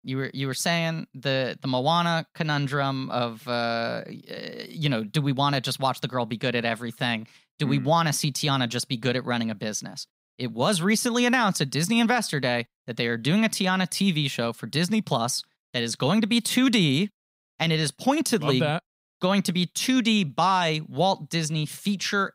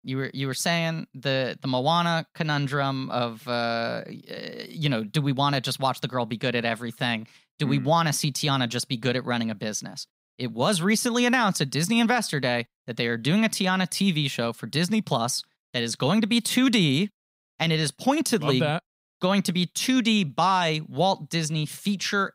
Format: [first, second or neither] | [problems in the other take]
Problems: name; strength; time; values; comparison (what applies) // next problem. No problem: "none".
neither | none